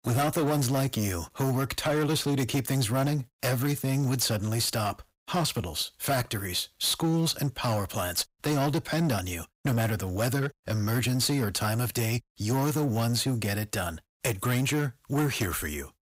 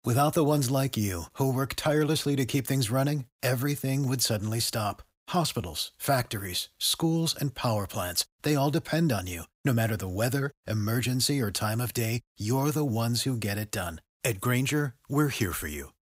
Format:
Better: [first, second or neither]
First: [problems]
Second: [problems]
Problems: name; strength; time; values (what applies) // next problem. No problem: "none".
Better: second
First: distortion; slight; 13% of the sound clipped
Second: none